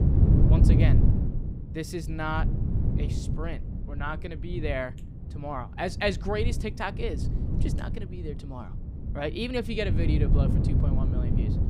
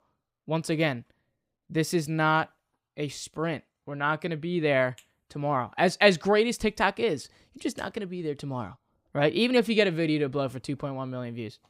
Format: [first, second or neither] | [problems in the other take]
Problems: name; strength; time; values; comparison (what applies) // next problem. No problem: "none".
second | wind noise on the microphone; heavy; 5 dB below the speech